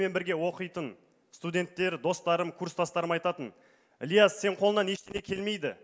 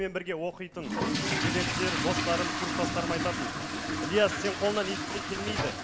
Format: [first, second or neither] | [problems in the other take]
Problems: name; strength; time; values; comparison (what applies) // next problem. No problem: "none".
first | background sound (Fill (with liquid) / Toilet flush); 1 dB above the speech